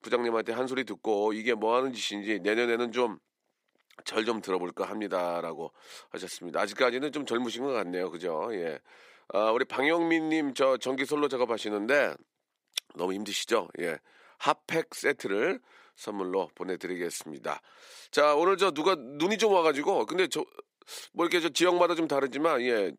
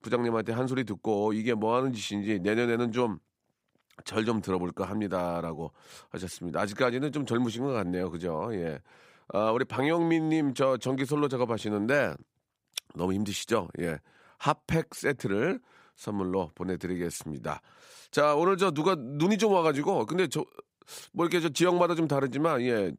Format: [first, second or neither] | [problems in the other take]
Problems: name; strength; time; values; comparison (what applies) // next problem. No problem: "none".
second | thin; very slightly; fading below 350 Hz